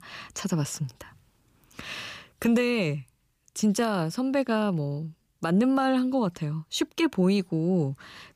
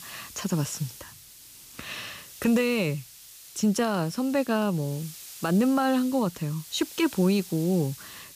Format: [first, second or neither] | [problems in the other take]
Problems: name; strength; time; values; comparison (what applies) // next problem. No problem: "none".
first | hiss; noticeable; throughout; 15 dB below the speech